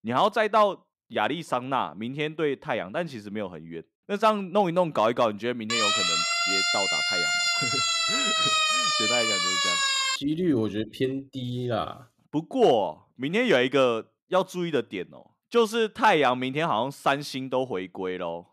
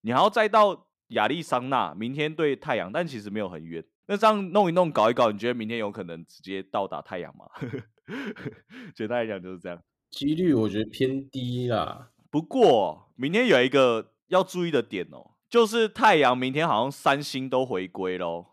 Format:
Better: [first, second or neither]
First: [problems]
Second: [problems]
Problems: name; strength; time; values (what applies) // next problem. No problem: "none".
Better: second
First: siren; loud; from 5.5 to 10 s; peak 5 dB above the speech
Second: none